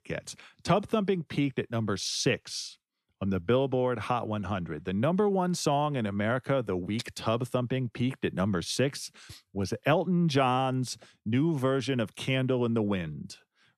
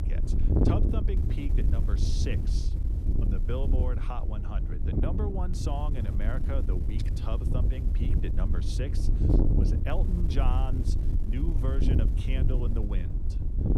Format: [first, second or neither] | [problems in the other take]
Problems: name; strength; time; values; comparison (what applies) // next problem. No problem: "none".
first | wind noise on the microphone; heavy; 1 dB below the speech